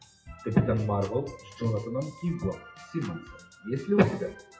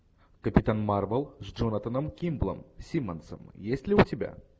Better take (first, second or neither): second